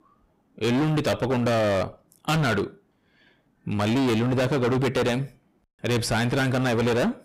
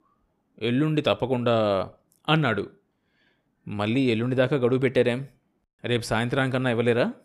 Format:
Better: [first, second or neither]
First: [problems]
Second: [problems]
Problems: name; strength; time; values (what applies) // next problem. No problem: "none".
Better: second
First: distortion; heavy; 25% of the sound clipped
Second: none